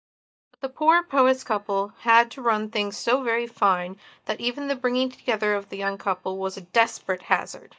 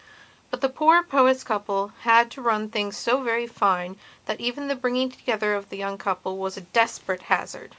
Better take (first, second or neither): second